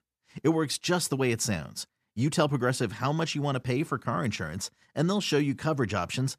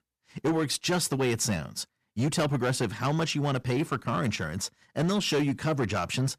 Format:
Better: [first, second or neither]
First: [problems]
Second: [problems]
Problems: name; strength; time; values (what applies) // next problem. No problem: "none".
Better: first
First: none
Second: distortion; slight; 9% of the sound clipped